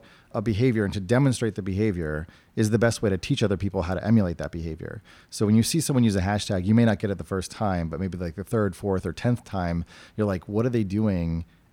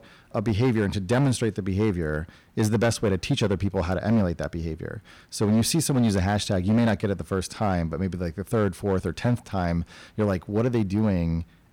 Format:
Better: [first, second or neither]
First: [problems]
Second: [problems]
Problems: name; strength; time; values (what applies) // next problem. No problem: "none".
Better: first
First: none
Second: distortion; slight; 6% of the sound clipped